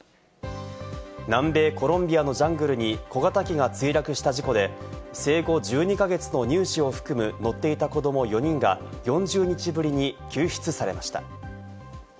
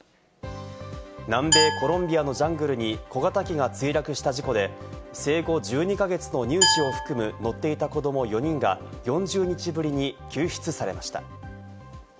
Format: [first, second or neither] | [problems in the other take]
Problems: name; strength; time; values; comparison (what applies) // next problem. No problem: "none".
first | background sound (Glass); 2 dB below the speech